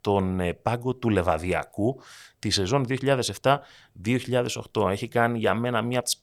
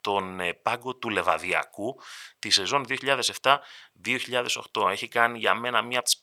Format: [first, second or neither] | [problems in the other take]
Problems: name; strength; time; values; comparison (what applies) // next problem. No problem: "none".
first | thin; somewhat; fading below 900 Hz